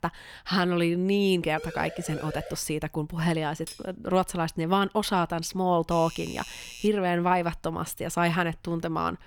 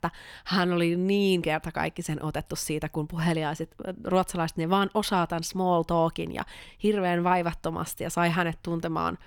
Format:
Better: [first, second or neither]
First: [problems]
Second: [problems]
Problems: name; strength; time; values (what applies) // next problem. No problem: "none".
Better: second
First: siren; faint; from 1.5 to 2.5 s; peak 10 dB below the speech // clattering dishes; faint; at 3.5 s; peak 15 dB below the speech // doorbell; faint; from 6 to 7 s; peak 15 dB below the speech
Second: none